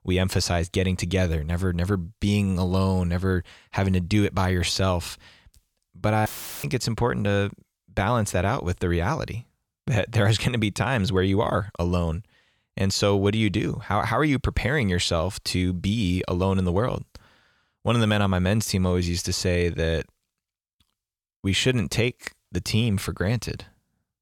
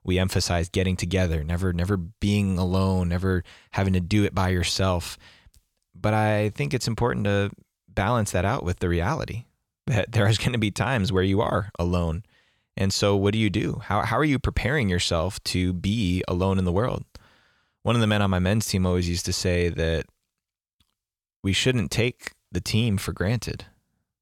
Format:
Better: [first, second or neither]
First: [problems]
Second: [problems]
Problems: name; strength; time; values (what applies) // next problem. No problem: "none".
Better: second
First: audio cutting out; filled with static; at 6.5 s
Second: none